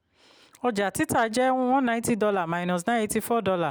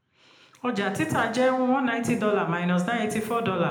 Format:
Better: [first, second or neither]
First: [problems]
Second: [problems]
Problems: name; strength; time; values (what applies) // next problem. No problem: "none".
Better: first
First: none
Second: room echo; dies away in 0.7 s